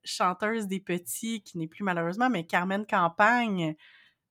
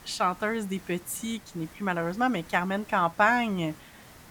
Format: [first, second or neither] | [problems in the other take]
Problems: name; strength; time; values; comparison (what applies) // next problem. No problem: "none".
first | hiss; faint; throughout; 20 dB below the speech